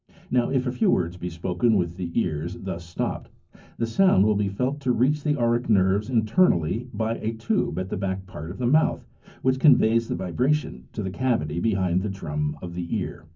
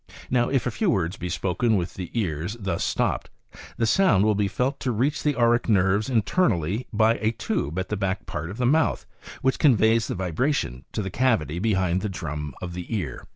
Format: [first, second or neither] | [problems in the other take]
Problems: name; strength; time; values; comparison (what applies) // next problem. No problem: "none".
second | room echo; dies away in 0.3 s